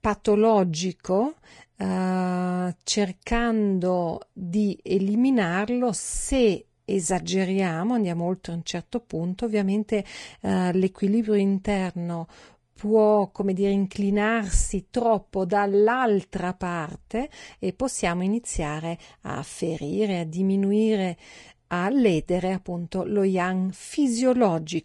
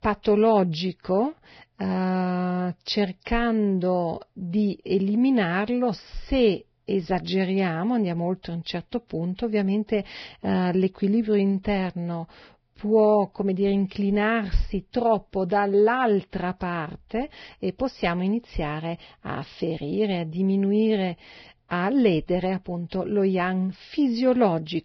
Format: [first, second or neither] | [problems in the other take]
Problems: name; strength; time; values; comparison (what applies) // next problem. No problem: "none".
first | garbled, watery; badly; nothing above 5.5 kHz; slightly in the first